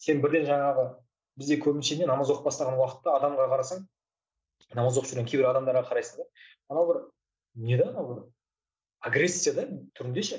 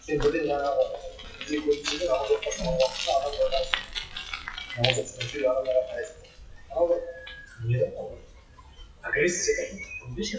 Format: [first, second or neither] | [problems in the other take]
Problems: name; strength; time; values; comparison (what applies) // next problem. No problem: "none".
first | noise reduction (classical method WPE with log-MMSE)